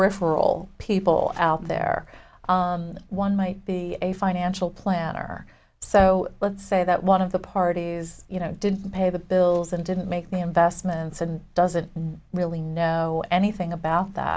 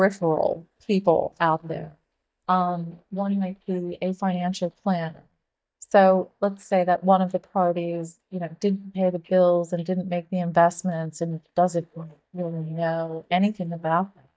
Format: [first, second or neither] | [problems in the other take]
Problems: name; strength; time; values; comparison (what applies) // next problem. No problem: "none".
first | noise reduction (neural mask model DeepFilterNet 3)